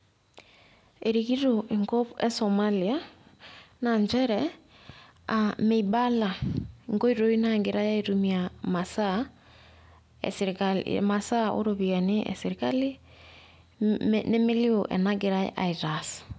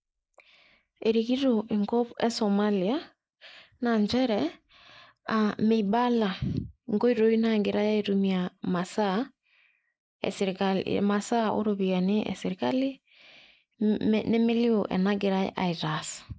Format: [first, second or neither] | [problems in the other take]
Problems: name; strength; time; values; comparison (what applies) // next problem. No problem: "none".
first | noise reduction (neural mask model Resemble Enhance denoiser)